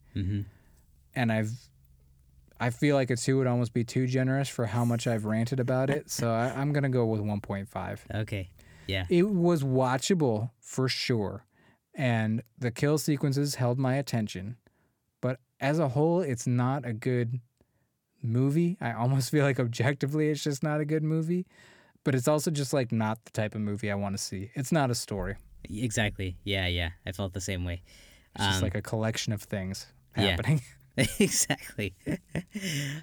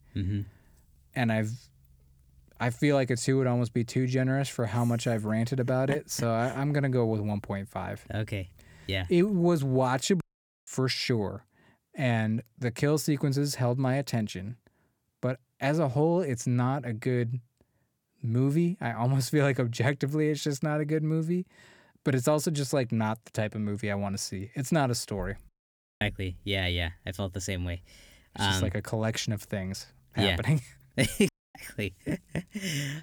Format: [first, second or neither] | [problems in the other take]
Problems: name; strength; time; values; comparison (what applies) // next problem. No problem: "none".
first | audio cutting out; at 10 s, at 25 s for 0.5 s and at 31 s